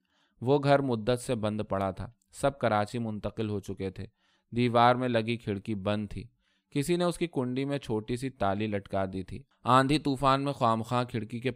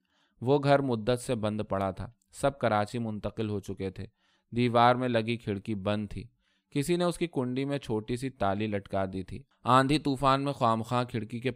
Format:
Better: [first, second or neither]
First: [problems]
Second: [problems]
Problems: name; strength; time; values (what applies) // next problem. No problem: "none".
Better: neither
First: none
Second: none